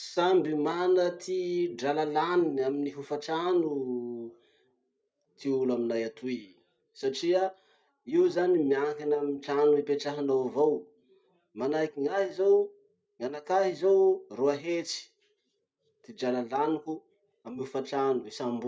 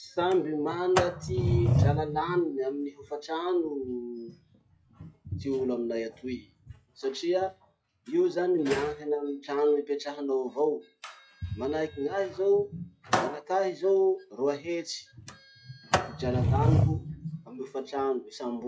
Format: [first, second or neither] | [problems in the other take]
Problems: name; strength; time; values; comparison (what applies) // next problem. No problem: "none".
first | noise reduction (classical method log-MMSE)